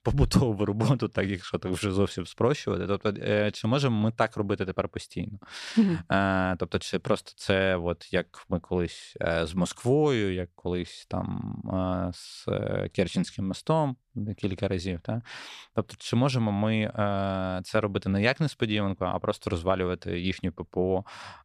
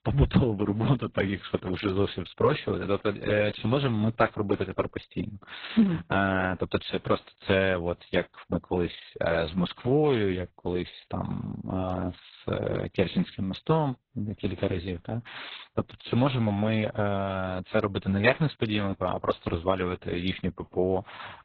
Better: first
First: none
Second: garbled, watery; badly

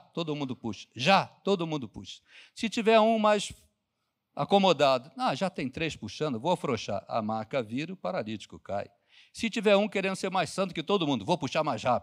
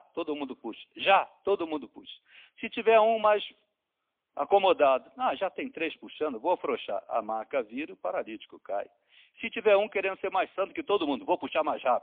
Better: first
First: none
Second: phone-call audio; poor line; nothing above 3.5 kHz

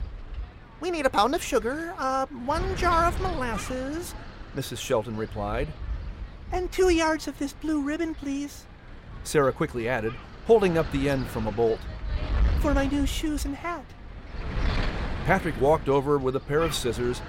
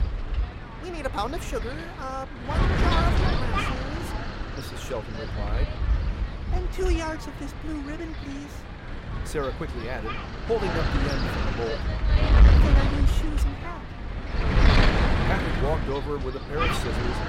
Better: first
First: wind noise on the microphone; occasional gusts; 15 dB below the speech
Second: wind noise on the microphone; heavy; 2 dB above the speech

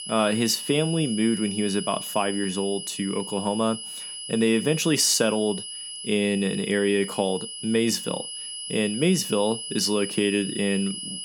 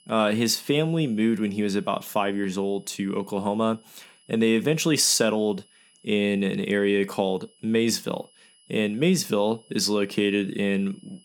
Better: second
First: high-pitched whine; loud; throughout; 3 kHz, 8 dB below the speech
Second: high-pitched whine; faint; throughout; 3 kHz, 30 dB below the speech

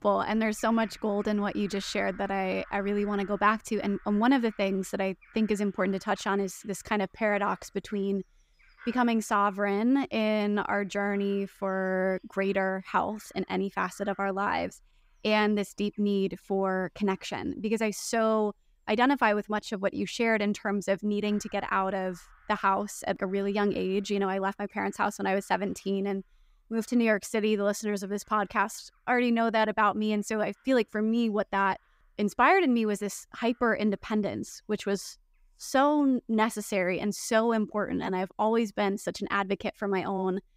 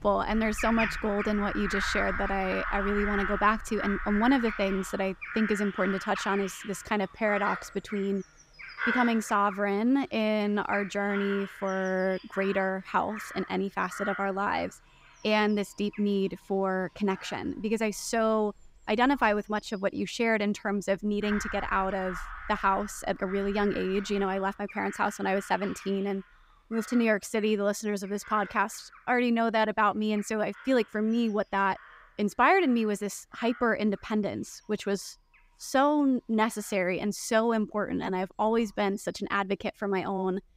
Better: first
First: animal sounds; faint; throughout; 25 dB below the speech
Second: animal sounds; loud; throughout; 9 dB below the speech

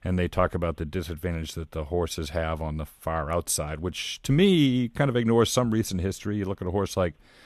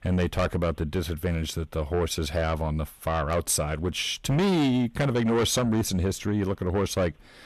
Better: first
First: none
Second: distortion; heavy; 7 dB below the speech

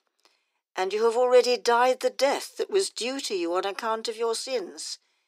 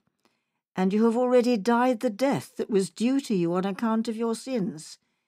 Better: second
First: thin; very; fading below 350 Hz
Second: none

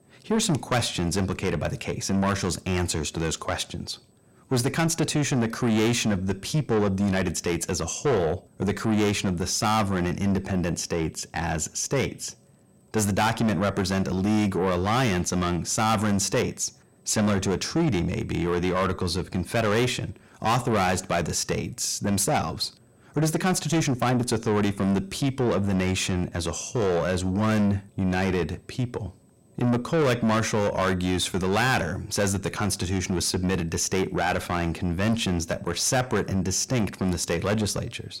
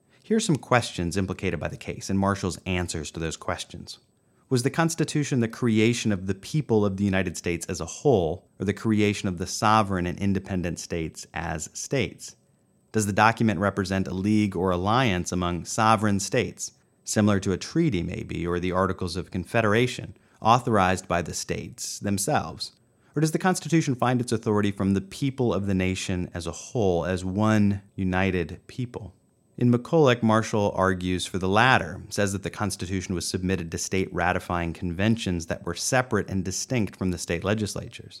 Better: second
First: distortion; heavy; 6 dB below the speech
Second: none

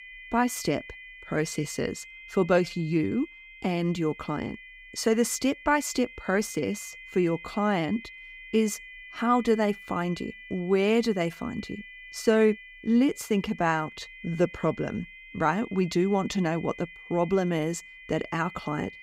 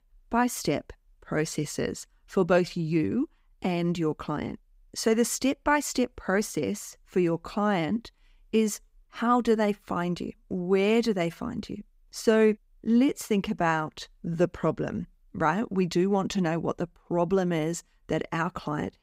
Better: second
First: high-pitched whine; noticeable; throughout; 2 kHz, 15 dB below the speech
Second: none

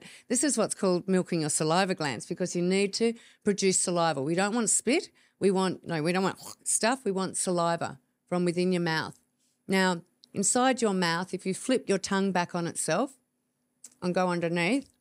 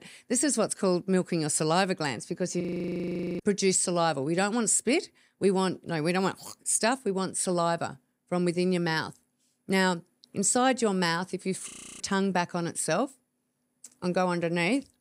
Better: first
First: none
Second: audio freezing; at 2.5 s for 1 s and at 12 s

